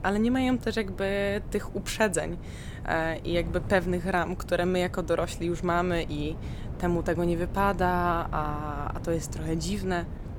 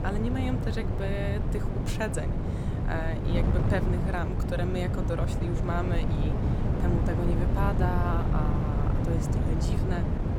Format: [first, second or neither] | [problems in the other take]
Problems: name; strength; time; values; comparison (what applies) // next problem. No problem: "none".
first | wind noise on the microphone; heavy; 1 dB below the speech; occasional gusts in the first